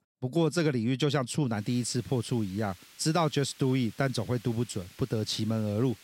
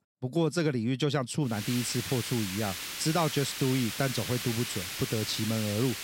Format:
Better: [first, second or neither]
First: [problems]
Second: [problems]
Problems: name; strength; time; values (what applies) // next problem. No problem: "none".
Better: first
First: hiss; faint; from 1.5 s on; 20 dB below the speech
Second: hiss; loud; from 1.5 s on; 4 dB below the speech